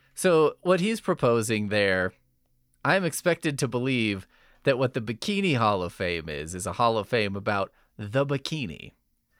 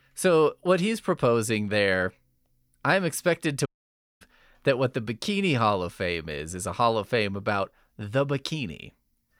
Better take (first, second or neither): first